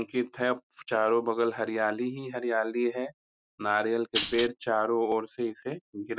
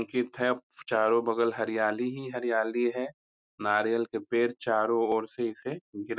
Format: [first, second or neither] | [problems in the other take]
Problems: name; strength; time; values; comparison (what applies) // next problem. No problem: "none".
second | background sound (Tambourine); 2 dB below the speech